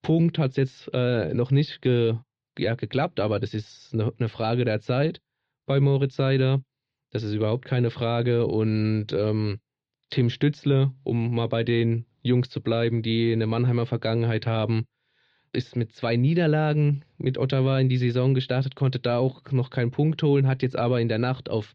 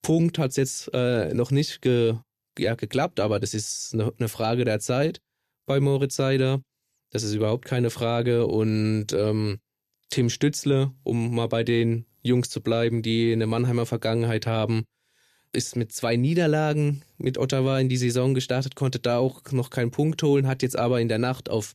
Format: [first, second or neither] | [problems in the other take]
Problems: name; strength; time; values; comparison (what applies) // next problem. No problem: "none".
second | muffled; slightly; fading above 4 kHz